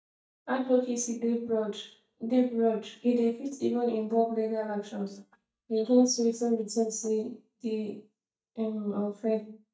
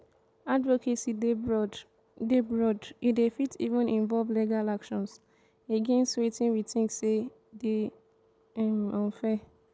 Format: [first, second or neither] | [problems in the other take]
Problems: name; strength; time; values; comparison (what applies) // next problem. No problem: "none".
second | noise reduction (neural mask model DeepFilterNet 3)